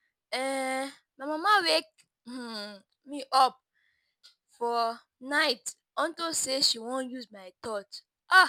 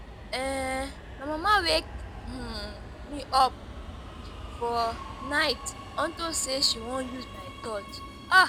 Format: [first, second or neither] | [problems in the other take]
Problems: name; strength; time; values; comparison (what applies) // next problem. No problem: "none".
first | background sound (Subway, metro, underground); 11 dB below the speech